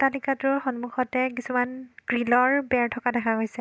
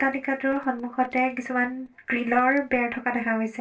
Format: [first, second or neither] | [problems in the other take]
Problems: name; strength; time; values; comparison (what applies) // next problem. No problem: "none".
first | noise reduction (neural separator model SepFormer DNS4)